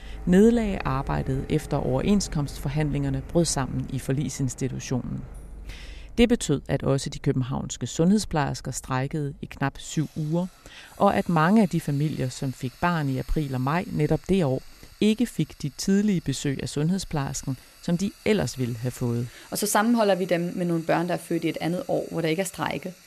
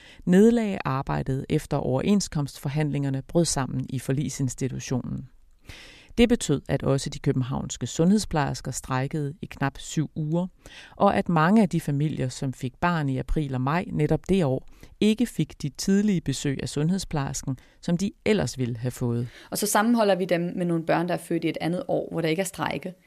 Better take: second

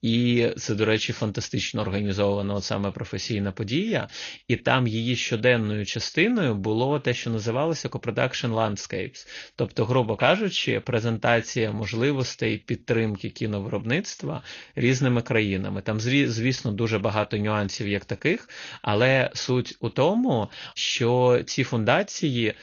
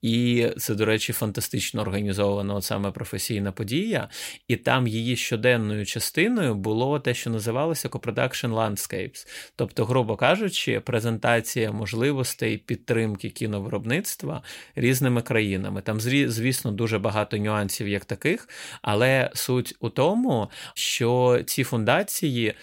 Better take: second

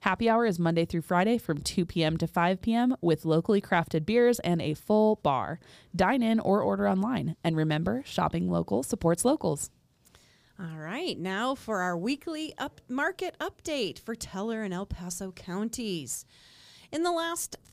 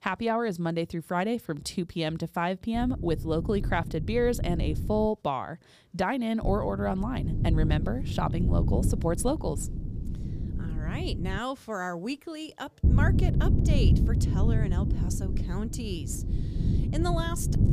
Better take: first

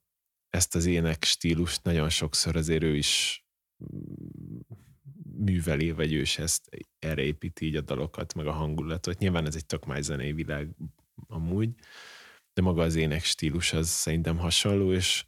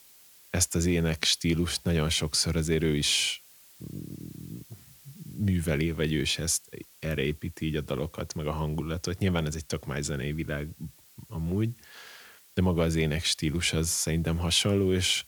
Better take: first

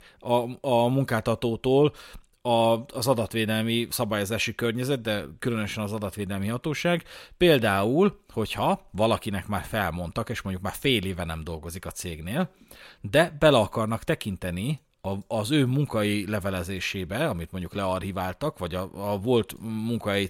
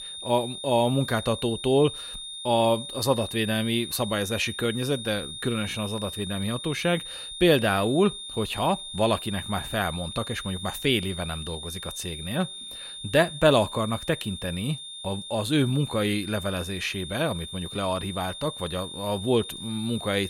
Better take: first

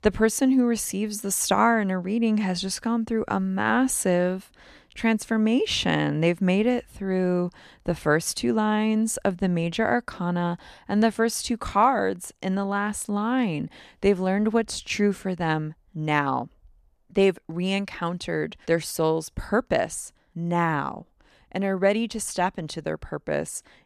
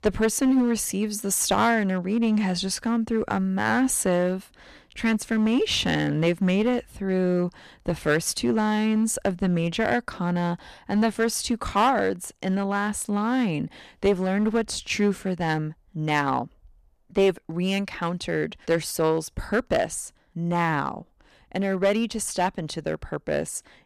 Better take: first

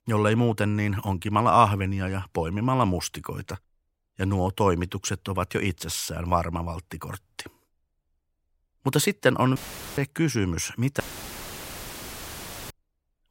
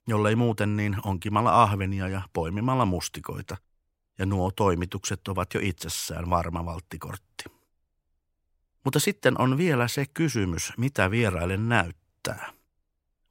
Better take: second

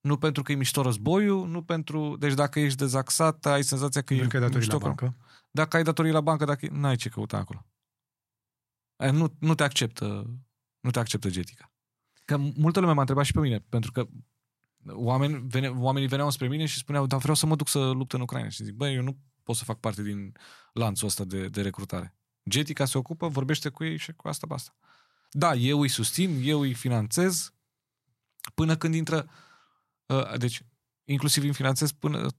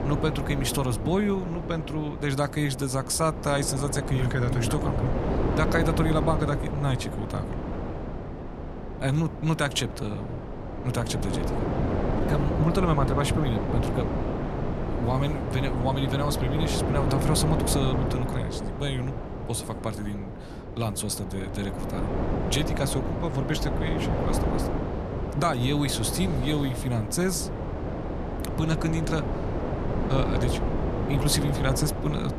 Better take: first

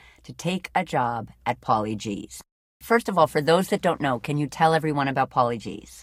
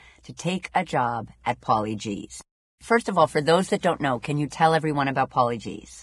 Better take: first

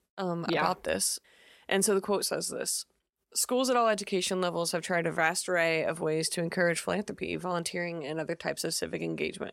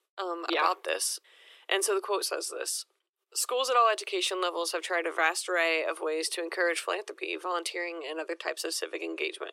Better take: first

